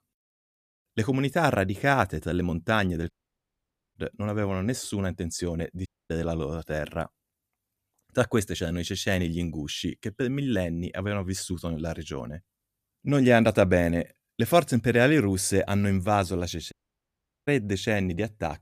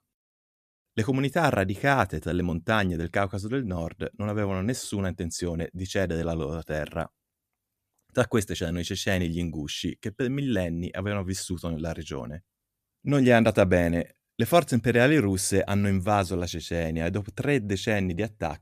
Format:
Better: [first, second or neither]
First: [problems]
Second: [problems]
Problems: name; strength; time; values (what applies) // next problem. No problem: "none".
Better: second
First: audio cutting out; at 3 s for 1 s, at 6 s and at 17 s for 1 s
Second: none